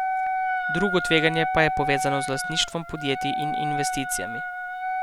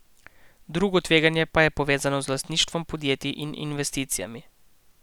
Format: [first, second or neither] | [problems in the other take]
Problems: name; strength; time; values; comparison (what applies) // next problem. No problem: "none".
second | background sound (Wind instrument, woodwind instrument); 1 dB below the speech